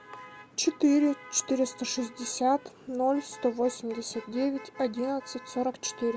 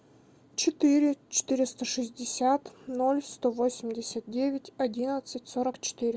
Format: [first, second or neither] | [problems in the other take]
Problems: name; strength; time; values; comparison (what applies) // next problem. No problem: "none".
second | background sound (Motor vehicle (road)); 19 dB below the speech